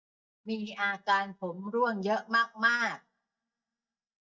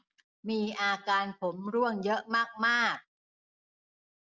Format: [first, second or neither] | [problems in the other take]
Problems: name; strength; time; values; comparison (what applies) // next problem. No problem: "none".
second | noise reduction (neural mask model DeepFilterNet 3)